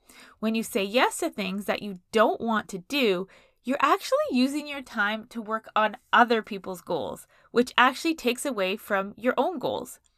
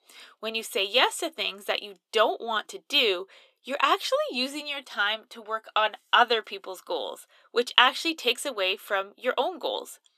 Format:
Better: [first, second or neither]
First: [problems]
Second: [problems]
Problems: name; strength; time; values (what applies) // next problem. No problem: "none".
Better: first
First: none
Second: thin; somewhat; fading below 350 Hz